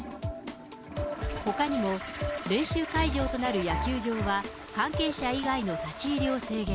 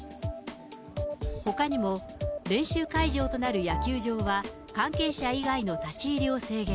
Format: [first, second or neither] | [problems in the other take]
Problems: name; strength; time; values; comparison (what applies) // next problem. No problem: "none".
second | background sound (Toilet flush); 12 dB below the speech